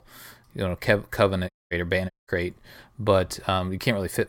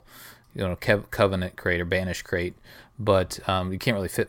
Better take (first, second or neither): second